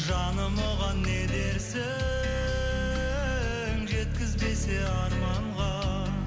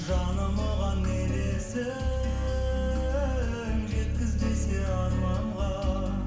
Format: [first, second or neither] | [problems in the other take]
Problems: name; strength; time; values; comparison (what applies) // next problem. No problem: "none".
first | room echo; dies away in 0.8 s